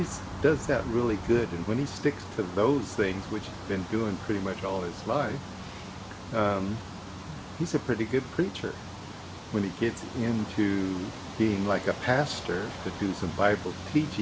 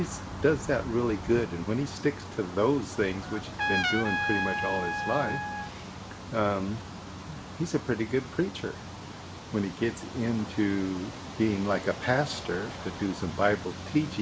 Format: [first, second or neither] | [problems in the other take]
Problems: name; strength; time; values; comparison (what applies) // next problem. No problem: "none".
first | background sound (Trumpet); 3 dB below the speech